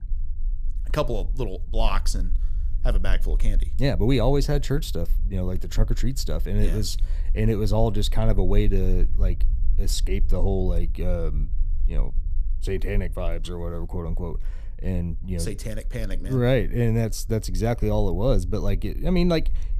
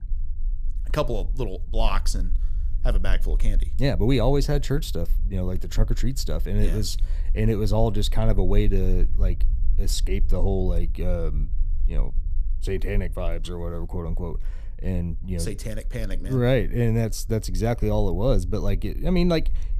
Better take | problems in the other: neither | low rumble; faint; throughout; 25 dB below the speech; the same in both

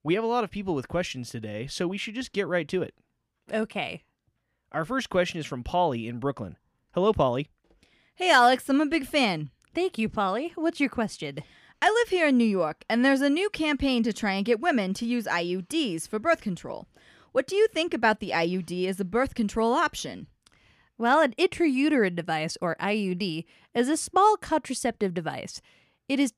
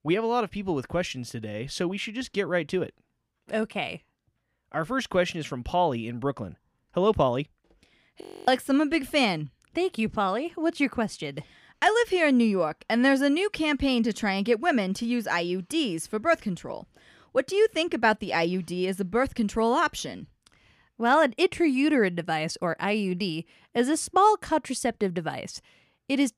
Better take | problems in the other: first | audio freezing; at 8 s

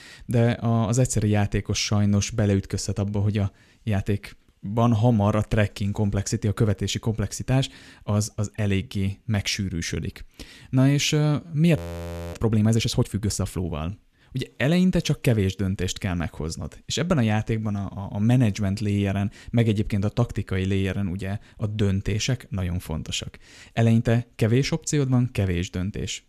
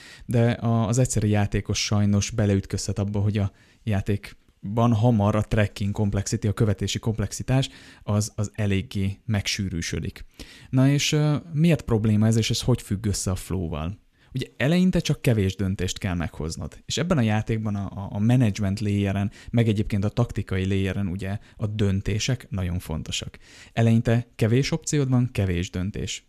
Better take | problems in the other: second | audio freezing; at 12 s for 0.5 s

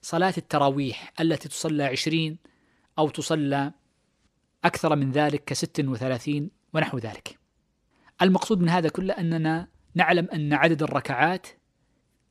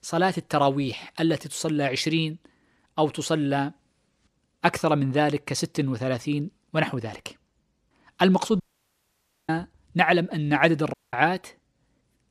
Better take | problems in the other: first | audio cutting out; at 8.5 s for 1 s and at 11 s

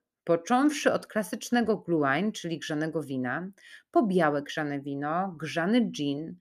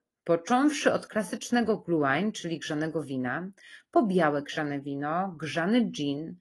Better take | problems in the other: first | garbled, watery; slightly; nothing above 11.5 kHz

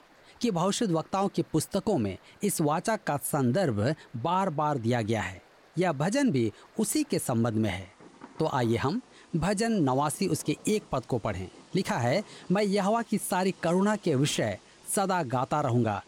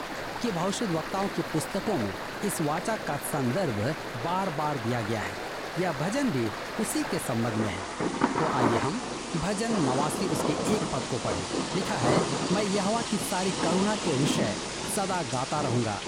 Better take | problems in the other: first | rain or running water; loud; throughout; 1 dB below the speech; faint in the first

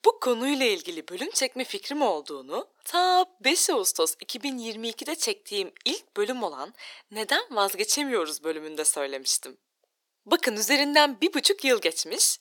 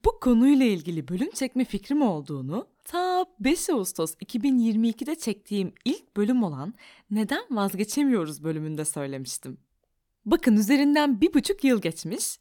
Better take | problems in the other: second | thin; very; fading below 400 Hz

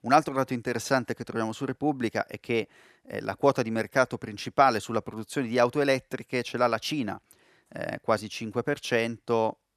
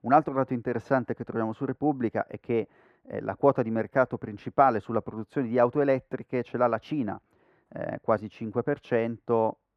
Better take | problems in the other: first | muffled; very; fading above 3 kHz

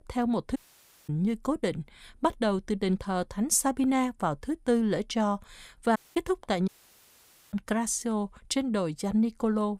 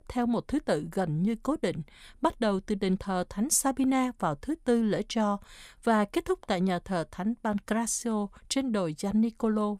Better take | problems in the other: second | audio cutting out; at 0.5 s for 0.5 s, at 6 s and at 6.5 s for 1 s

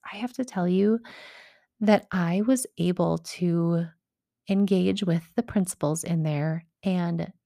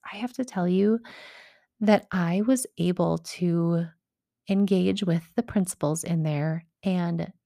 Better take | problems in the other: neither | none

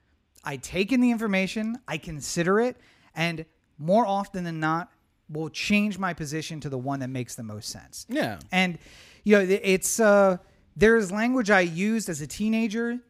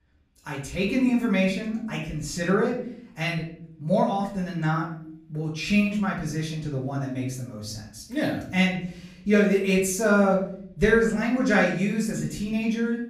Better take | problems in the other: first | off-mic speech; far // room echo; noticeable; dies away in 0.6 s

